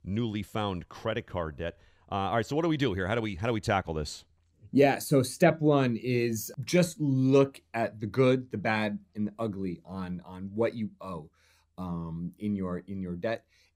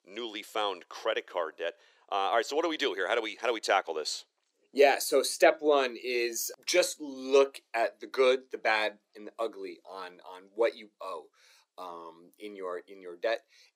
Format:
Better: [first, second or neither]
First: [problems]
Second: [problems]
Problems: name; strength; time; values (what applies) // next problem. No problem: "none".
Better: first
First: none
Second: thin; very; fading below 400 Hz